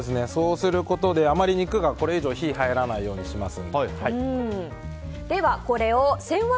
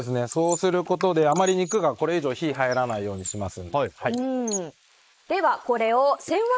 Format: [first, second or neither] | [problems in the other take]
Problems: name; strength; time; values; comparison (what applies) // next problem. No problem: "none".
first | noise reduction (neural mask model Resemble Enhance denoiser)